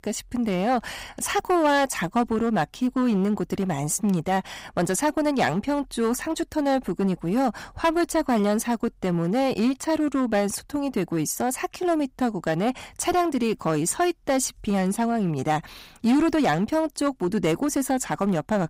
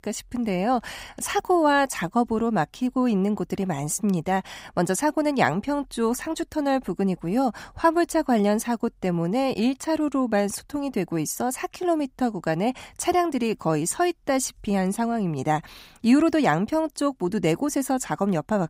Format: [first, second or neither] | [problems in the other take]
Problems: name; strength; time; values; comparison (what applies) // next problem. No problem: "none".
second | distortion; slight; 7% of the sound clipped